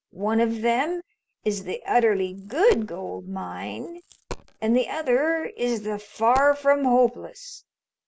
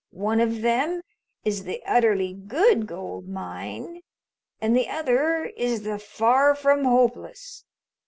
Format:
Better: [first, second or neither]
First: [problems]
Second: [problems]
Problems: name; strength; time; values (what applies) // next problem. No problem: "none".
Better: second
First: background sound (Coin (dropping)); 18 dB below the speech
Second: none